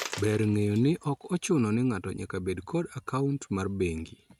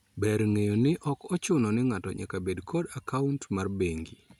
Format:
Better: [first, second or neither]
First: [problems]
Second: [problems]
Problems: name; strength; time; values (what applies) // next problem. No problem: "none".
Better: second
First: noise reduction (neural mask model RNNoise)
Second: none